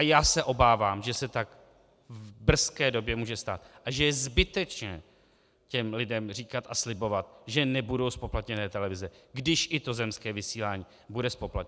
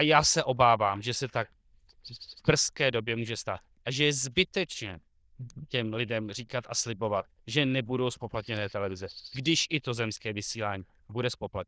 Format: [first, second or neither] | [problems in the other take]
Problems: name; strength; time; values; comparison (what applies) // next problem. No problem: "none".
first | noise reduction (neural diffusion model UNIVERSE++)